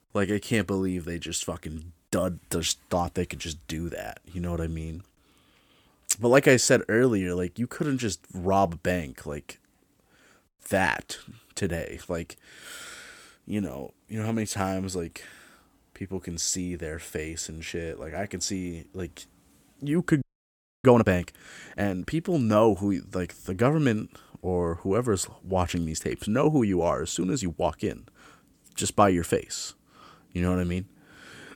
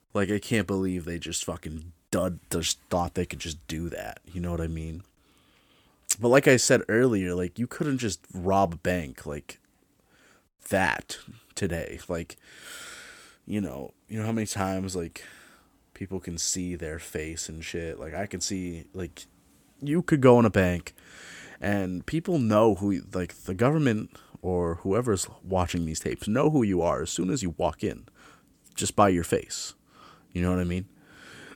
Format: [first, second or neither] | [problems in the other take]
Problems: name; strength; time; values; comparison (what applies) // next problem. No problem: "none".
second | audio freezing; at 20 s for 0.5 s